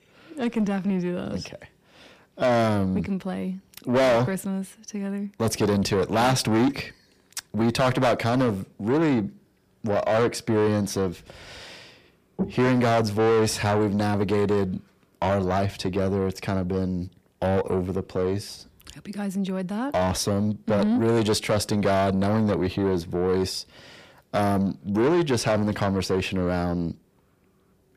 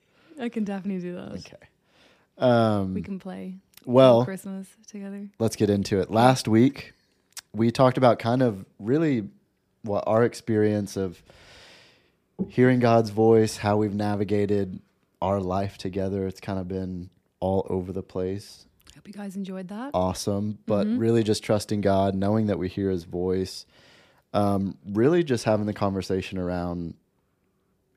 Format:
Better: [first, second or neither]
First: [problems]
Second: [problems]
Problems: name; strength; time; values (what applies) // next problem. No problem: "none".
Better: second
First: distortion; heavy; 6 dB below the speech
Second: none